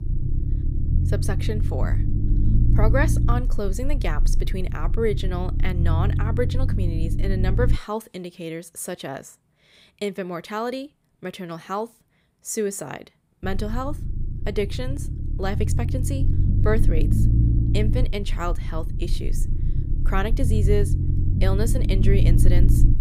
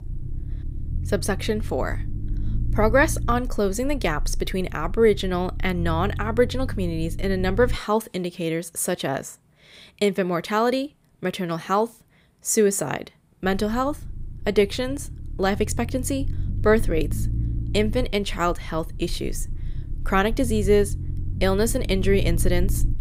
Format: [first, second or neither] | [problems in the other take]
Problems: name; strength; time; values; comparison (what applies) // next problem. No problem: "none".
second | low rumble; loud; until 8 s and from 13 s on; 7 dB below the speech; faint in the second